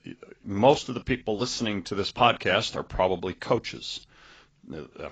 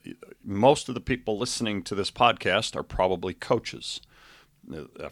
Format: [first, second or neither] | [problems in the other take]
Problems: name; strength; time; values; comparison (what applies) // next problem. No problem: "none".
second | garbled, watery; badly; nothing above 7.5 kHz